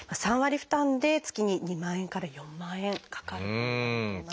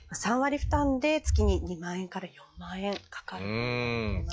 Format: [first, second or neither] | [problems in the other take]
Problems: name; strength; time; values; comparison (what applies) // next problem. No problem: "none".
first | noise reduction (classical method log-MMSE)